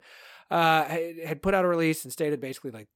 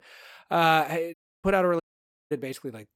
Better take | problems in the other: first | audio cutting out; at 1 s and at 2 s for 0.5 s

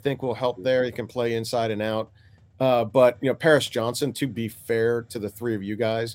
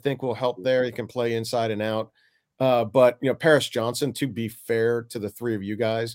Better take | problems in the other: second | hiss; faint; throughout; 30 dB below the speech

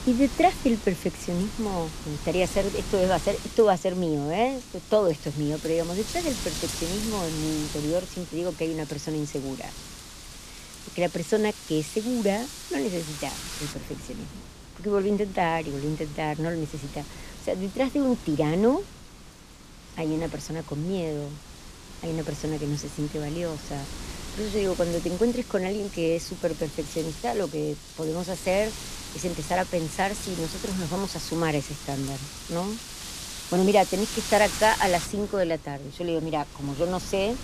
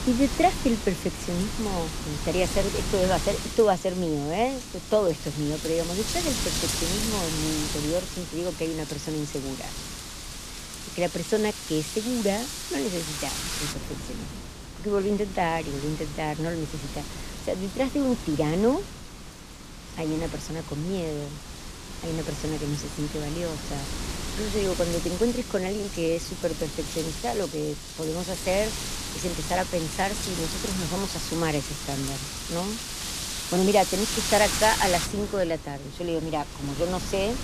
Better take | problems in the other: first | wind noise on the microphone; heavy; 5 dB below the speech; occasional gusts in the first

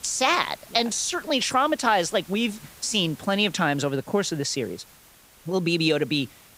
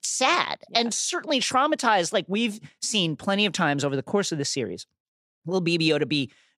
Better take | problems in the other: second | hiss; faint; throughout; 25 dB below the speech

